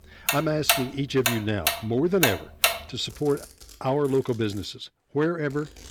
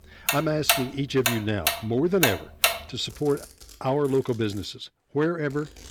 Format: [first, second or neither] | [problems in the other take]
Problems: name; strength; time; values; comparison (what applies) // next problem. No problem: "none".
neither | household noises; very loud; throughout; 1 dB above the speech; the same in both